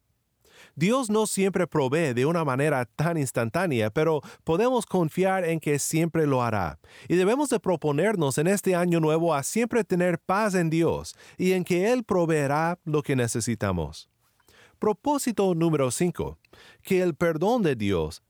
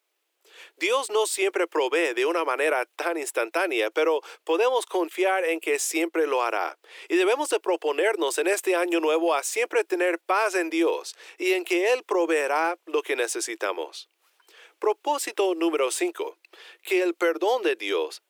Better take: first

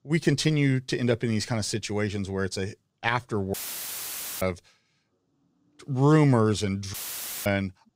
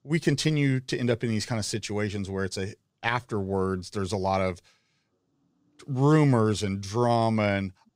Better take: second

